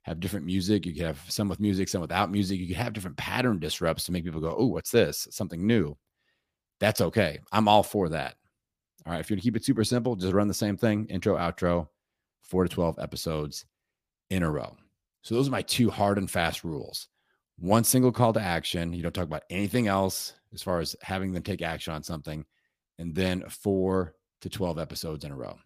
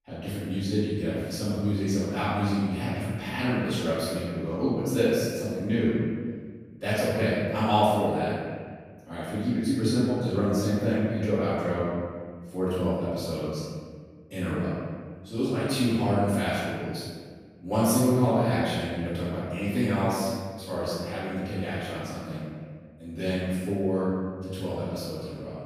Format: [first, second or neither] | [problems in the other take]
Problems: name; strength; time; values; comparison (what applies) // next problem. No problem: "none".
first | room echo; strong; dies away in 1.7 s // off-mic speech; far